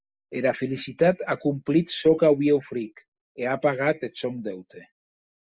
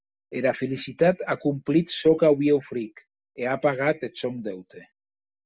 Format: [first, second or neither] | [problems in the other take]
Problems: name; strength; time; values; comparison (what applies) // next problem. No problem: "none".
second | noise reduction (neural mask model Resemble Enhance denoiser)